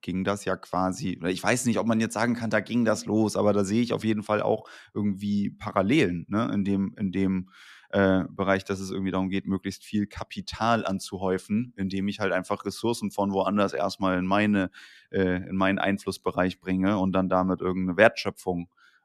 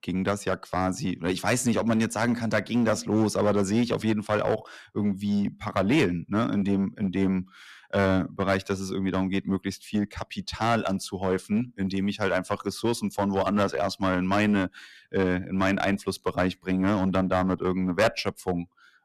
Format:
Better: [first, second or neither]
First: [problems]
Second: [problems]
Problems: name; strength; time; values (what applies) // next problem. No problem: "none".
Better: first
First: none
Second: distortion; slight; 7% of the sound clipped